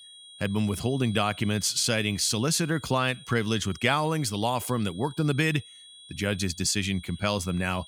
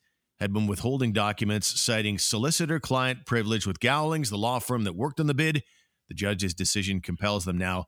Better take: second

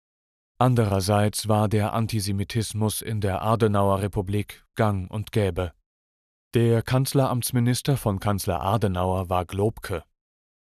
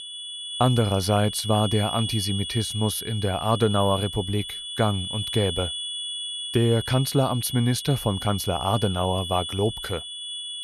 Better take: first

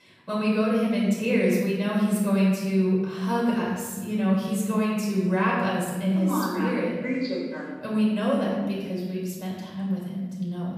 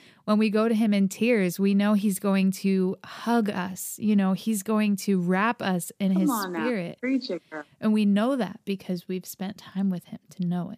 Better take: second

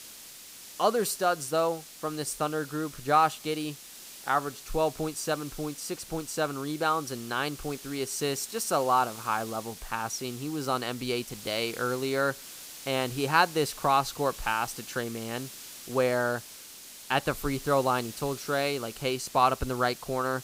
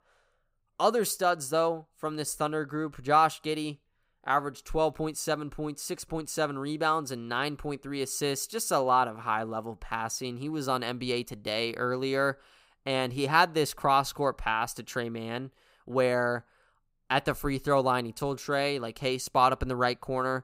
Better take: second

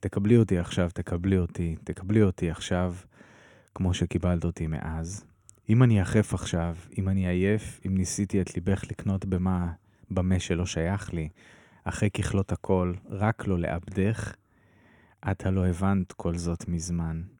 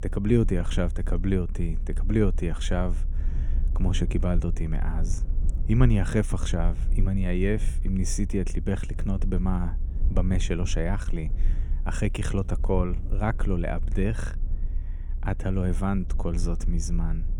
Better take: first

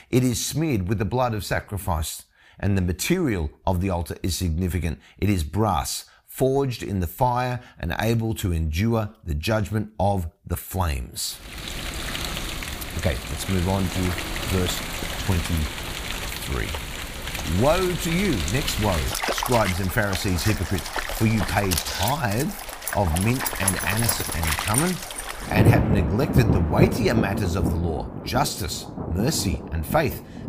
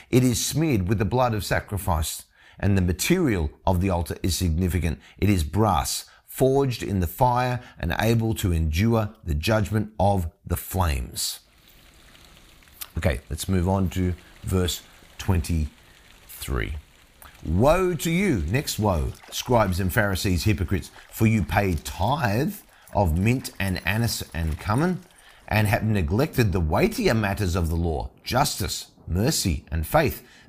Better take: second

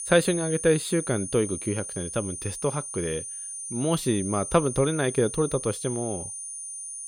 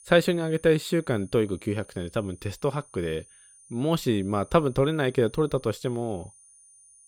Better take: second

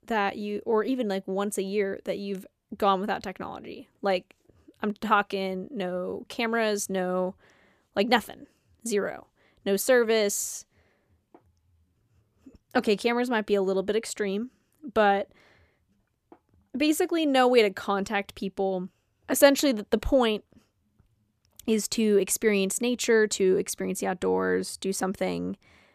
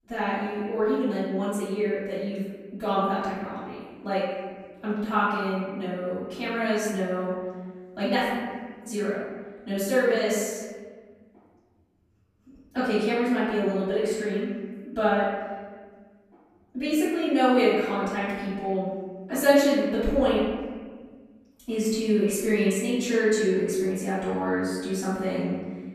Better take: first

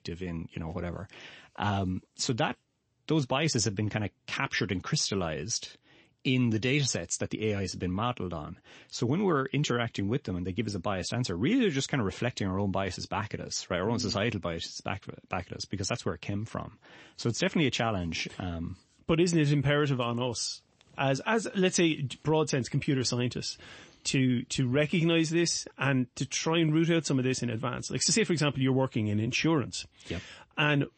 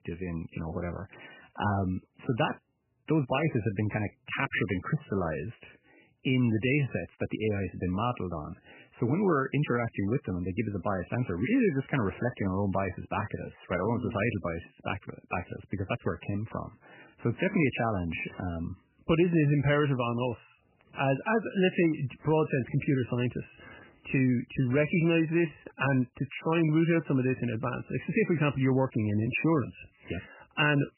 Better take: first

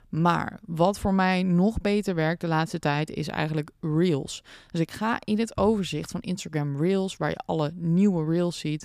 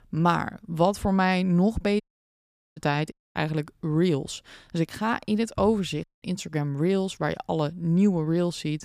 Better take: first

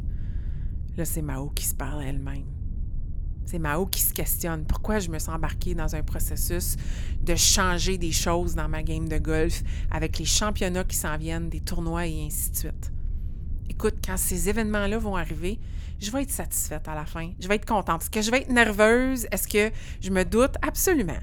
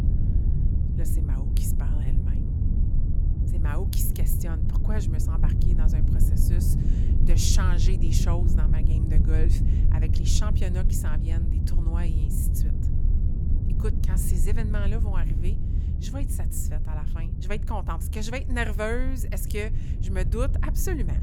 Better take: first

